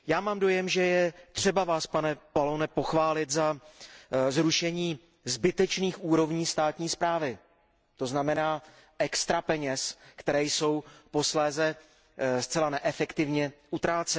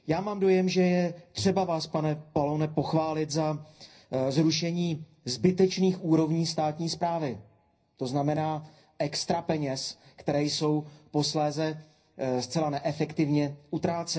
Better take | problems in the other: first | room echo; dies away in 0.4 s

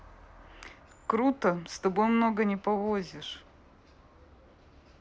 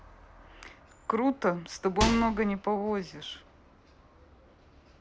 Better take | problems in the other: first | background sound (Microwave oven); 1 dB above the speech

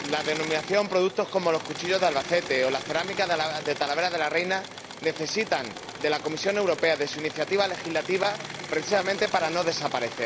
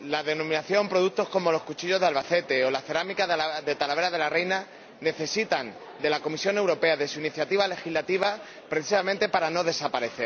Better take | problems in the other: second | background sound (Engine / Mechanisms); 12 dB below the speech

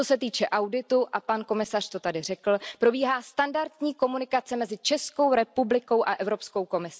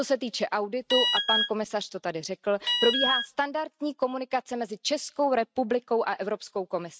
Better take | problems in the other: first | noise reduction (neural mask model RNNoise)

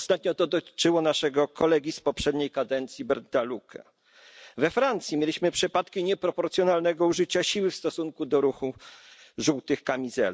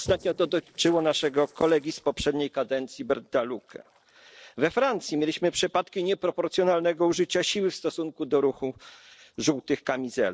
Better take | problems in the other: first | noise reduction (neural separator model SepFormer DNS4)

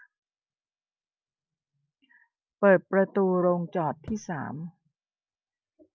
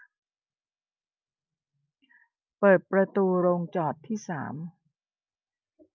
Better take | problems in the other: second | background sound (Thump, thud); 18 dB below the speech

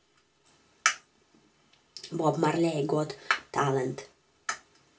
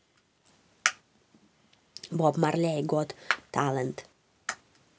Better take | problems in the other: second | room echo; dies away in 0.2 s

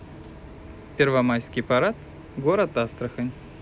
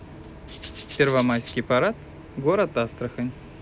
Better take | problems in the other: first | background sound (Rattle (instrument)); 18 dB below the speech

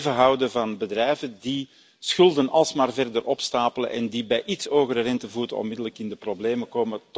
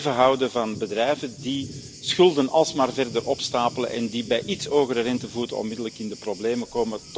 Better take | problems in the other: first | background sound (Thunder); 17 dB below the speech

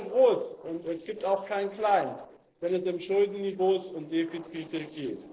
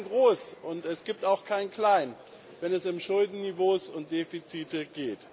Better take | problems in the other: second | noise reduction (neural separator model SepFormer DNS4)

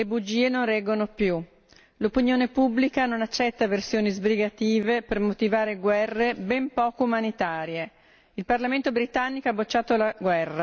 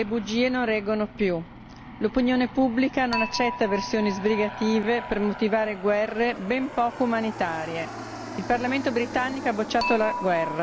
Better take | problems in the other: first | background sound (Dishes, pots, and pans / Chink, clink + Aircraft); 10 dB below the speech

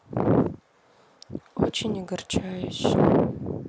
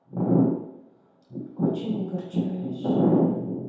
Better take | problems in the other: first | room echo; dies away in 0.8 s

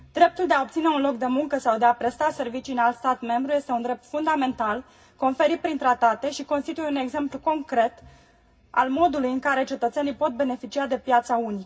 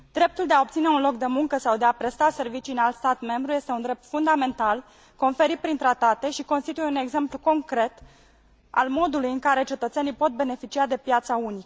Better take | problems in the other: second | room echo; dies away in 0.4 s

